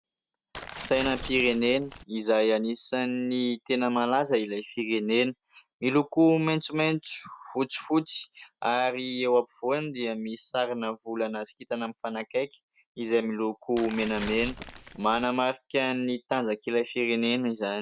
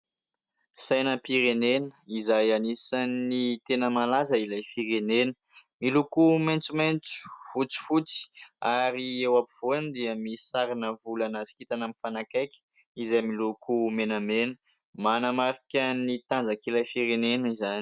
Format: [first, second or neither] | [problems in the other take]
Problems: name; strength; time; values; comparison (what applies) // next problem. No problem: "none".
second | background sound (Tearing); 12 dB below the speech